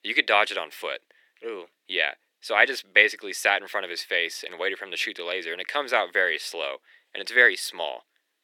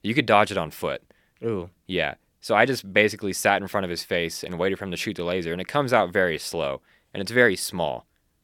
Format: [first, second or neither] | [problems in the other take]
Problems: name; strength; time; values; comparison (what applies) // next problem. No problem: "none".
second | thin; very; fading below 350 Hz